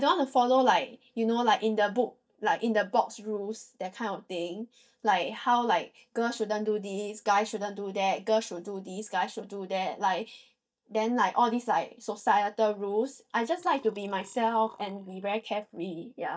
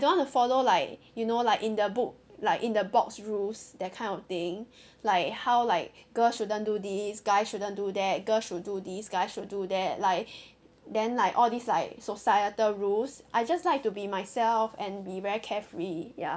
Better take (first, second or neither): second